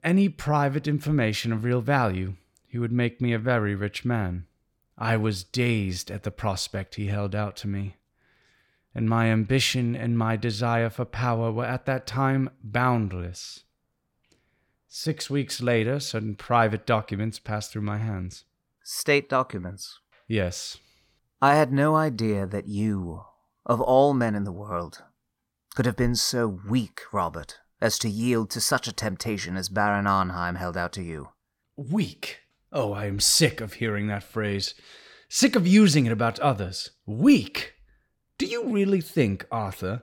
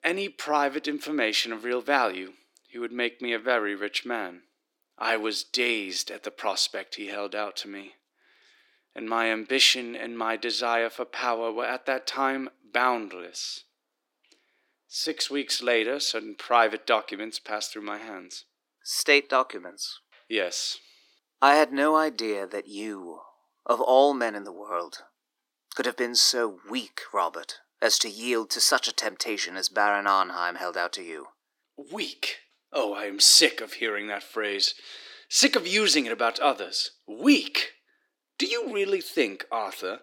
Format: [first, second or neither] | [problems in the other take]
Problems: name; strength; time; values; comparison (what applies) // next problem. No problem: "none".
first | thin; somewhat; fading below 300 Hz